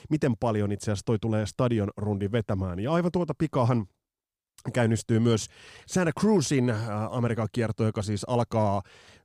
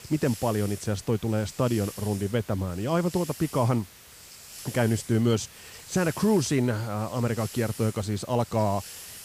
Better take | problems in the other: first | hiss; noticeable; throughout; 15 dB below the speech

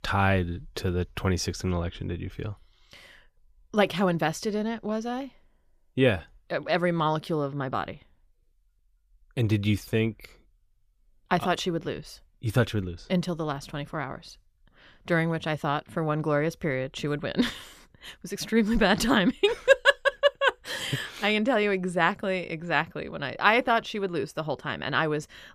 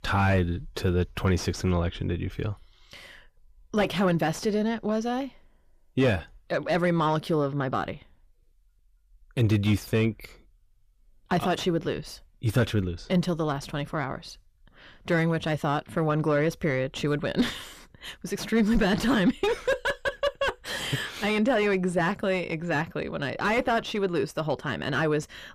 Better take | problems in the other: first | distortion; heavy; 7 dB below the speech

